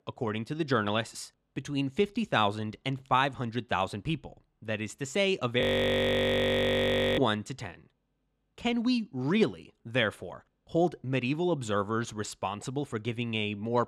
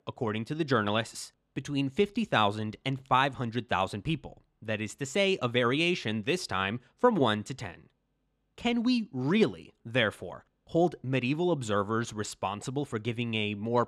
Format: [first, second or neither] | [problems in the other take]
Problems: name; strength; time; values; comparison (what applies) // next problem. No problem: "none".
second | audio freezing; at 5.5 s for 1.5 s